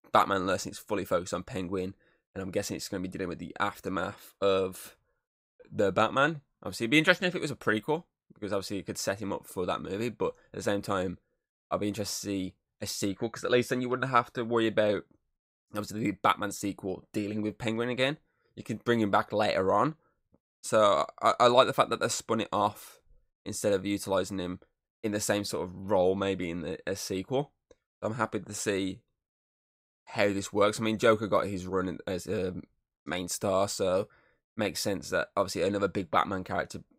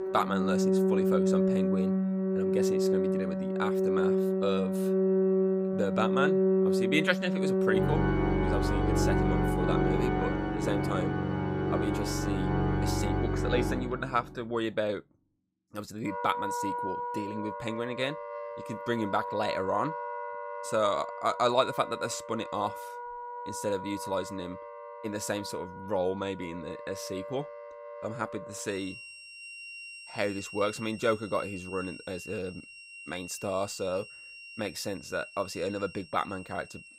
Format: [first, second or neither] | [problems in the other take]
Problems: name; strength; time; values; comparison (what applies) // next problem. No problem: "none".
first | background music; very loud; throughout; 4 dB above the speech